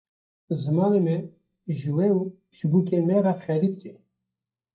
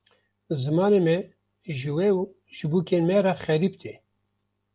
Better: second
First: noise reduction (neural mask model DeepFilterNet 3)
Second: none

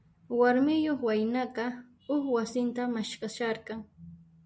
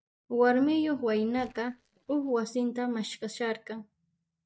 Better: first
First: none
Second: noise reduction (neural mask model DeepFilterNet 3)

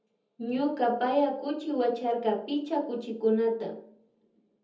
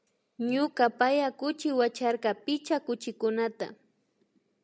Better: second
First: room echo; dies away in 0.7 s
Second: none

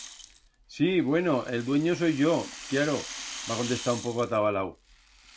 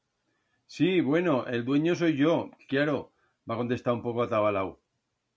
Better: second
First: background sound (Rattle (instrument)); 14 dB below the speech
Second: none

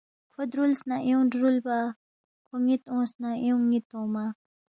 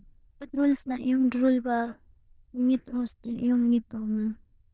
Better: first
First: none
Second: noise reduction (neural diffusion model UNIVERSE++)

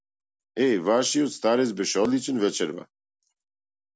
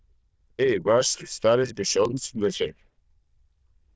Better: first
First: none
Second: noise reduction (neural diffusion model UNIVERSE++)

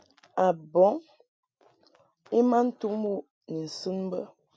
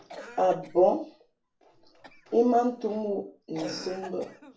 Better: first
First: none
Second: background sound (Cough); 18 dB below the speech // room echo; dies away in 0.3 s

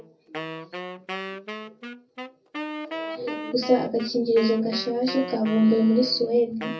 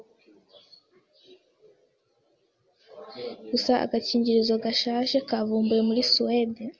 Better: second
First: background sound (Wind instrument, woodwind instrument); 11 dB below the speech // room echo; dies away in 0.3 s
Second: none

